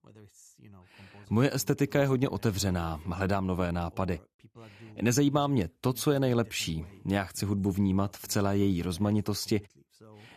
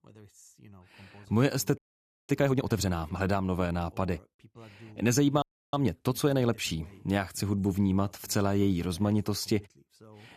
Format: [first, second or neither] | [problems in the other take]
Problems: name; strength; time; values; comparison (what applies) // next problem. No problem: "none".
first | audio freezing; at 2 s for 0.5 s and at 5.5 s